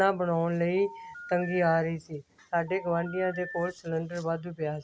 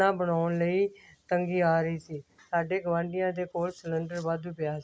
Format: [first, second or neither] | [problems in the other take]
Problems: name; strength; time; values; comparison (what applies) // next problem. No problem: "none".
second | background sound (Telephone); 14 dB below the speech